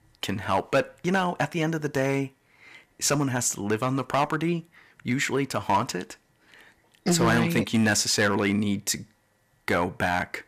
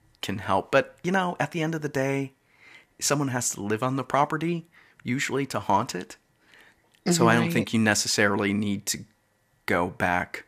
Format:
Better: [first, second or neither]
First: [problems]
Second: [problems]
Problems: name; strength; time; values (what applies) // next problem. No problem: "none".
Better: second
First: distortion; slight; 2% of the sound clipped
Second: none